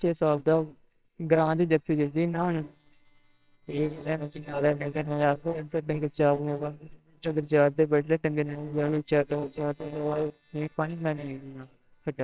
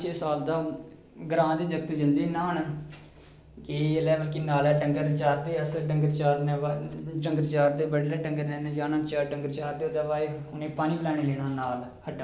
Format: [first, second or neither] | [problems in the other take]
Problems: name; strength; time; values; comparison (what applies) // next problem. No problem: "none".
second | noise reduction (neural separator model SepFormer WHAMR!)